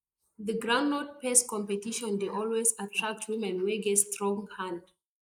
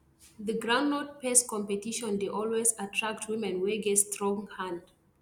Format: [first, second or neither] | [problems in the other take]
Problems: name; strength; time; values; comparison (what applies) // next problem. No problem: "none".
second | noise reduction (neural mask model Resemble Enhance denoiser)